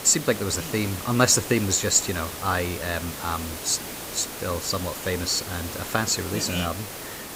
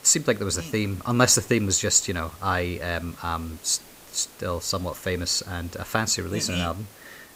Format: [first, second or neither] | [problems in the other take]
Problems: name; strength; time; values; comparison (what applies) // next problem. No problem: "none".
second | hiss; loud; throughout; 9 dB below the speech; faint in the second